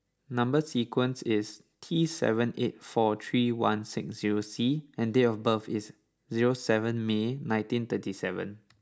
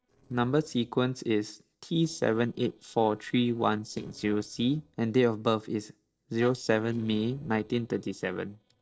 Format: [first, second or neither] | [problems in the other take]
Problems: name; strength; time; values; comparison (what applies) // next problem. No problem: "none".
first | noise reduction (neural separator model SepFormer DNS4)